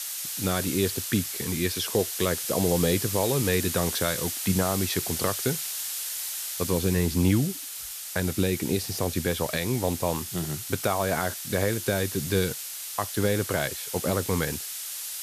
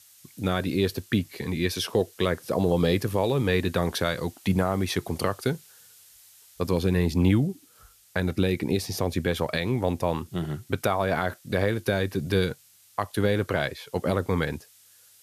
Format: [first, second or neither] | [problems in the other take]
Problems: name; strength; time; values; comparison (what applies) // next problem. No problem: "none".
second | hiss; loud; throughout; 4 dB below the speech; faint in the second